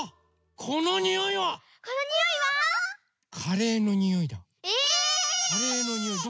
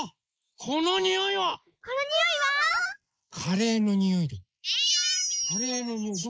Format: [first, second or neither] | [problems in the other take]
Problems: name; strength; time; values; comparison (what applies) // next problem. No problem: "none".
first | noise reduction (neural mask model Resemble Enhance denoiser)